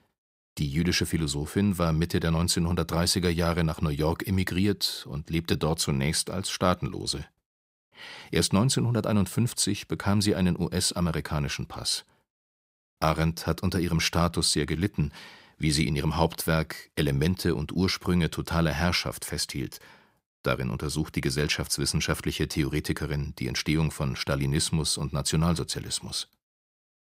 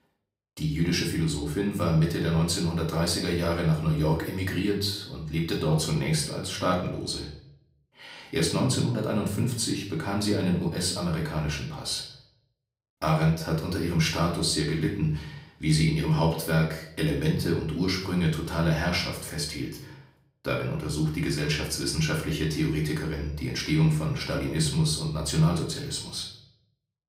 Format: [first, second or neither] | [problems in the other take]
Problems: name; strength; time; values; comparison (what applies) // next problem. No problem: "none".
first | room echo; slight; dies away in 0.5 s // off-mic speech; far